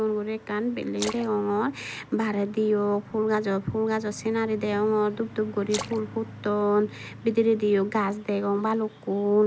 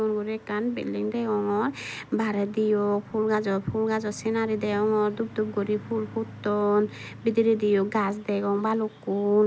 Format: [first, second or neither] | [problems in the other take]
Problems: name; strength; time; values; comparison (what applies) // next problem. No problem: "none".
second | background sound (Splash, splatter); 16 dB below the speech